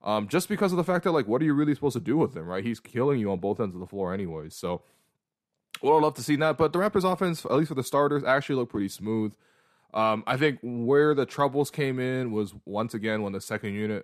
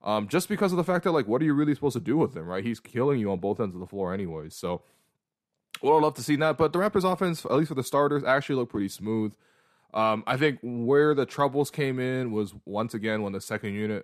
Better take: neither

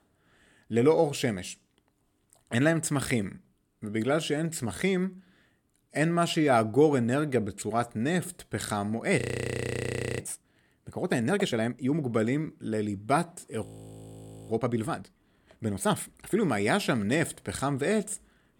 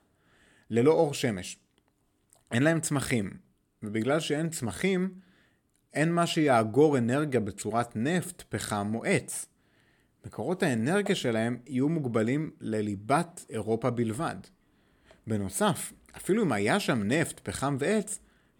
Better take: second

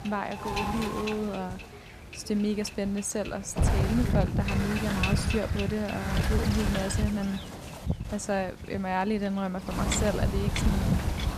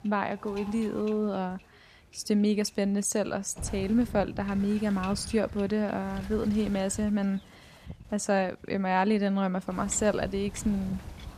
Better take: second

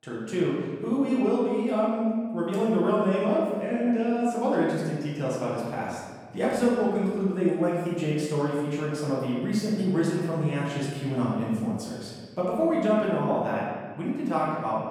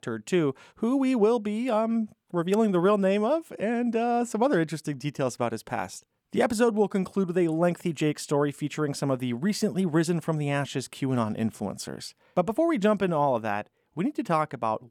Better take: second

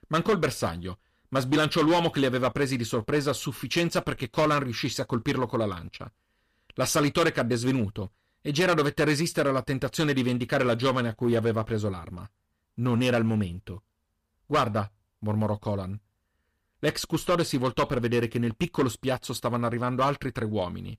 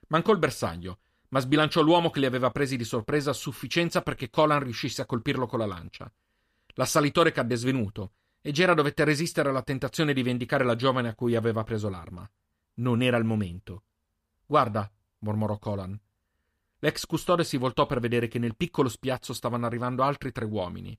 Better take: second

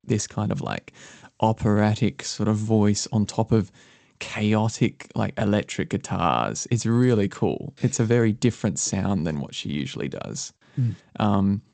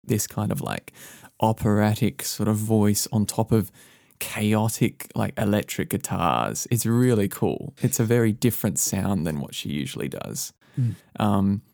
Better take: second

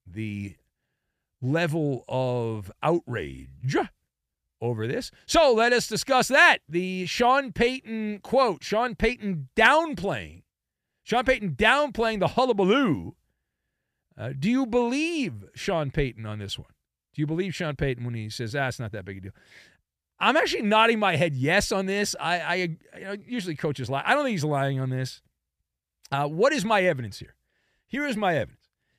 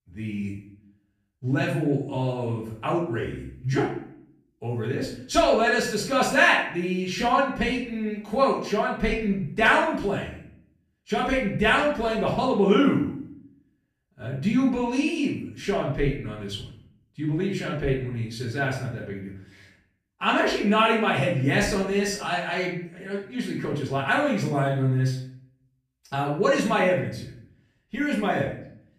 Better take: first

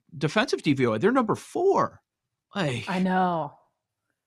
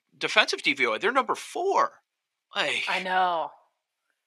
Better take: first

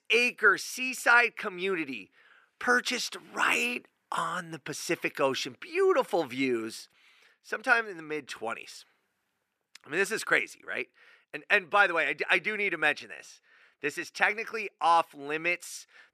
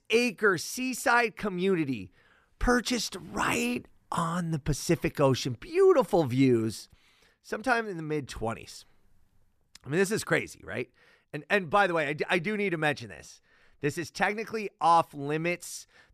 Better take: second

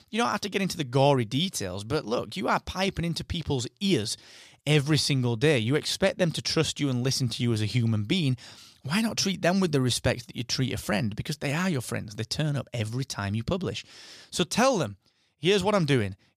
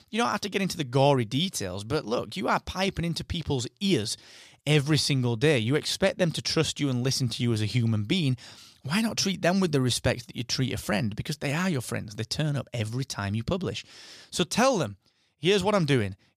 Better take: neither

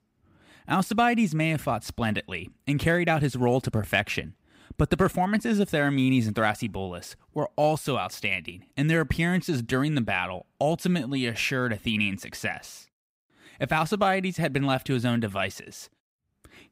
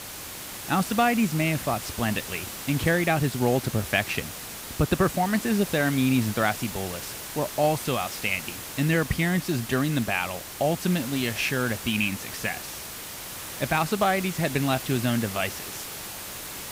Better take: first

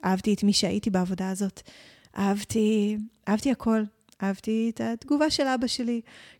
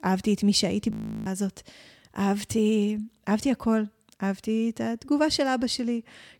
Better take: first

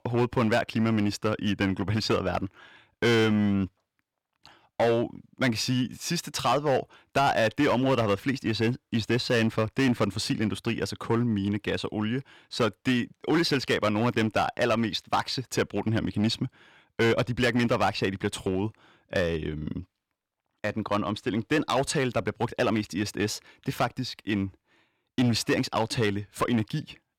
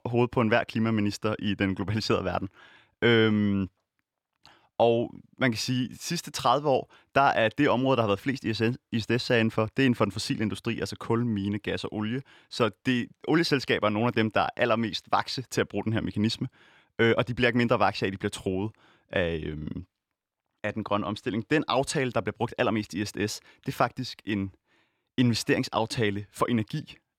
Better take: second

